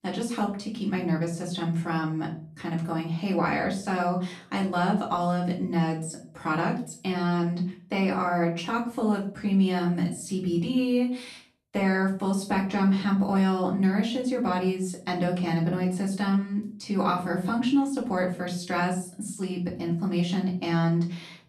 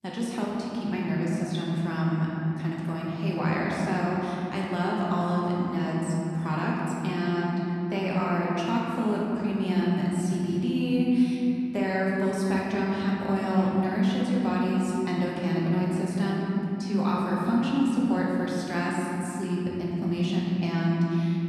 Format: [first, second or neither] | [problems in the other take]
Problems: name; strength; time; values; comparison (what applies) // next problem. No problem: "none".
first | room echo; strong; dies away in 3 s; slight in the first // off-mic speech; far; far in the first